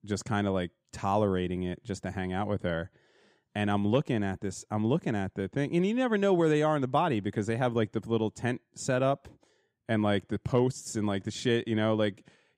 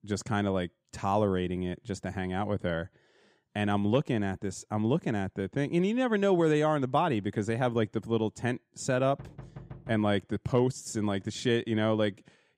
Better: first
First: none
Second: door banging; faint; at 9 s; peak 15 dB below the speech

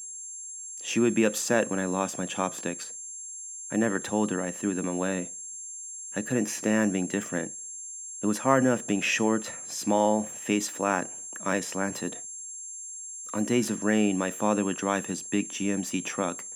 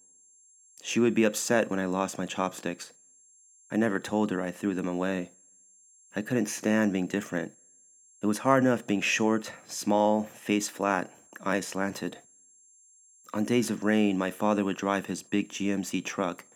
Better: second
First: high-pitched whine; loud; throughout; 7.5 kHz, 9 dB below the speech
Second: high-pitched whine; faint; throughout; 7.5 kHz, 30 dB below the speech

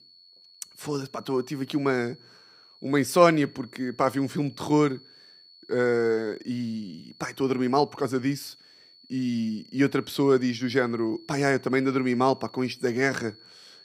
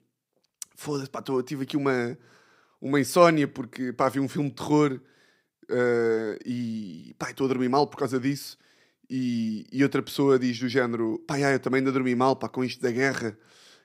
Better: second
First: high-pitched whine; faint; throughout; 4.5 kHz, 25 dB below the speech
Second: none

